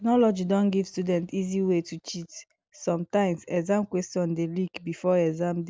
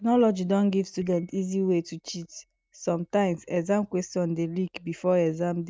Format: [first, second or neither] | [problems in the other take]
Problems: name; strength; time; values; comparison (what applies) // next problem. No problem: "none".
first | noise reduction (neural mask model DeepFilterNet 3)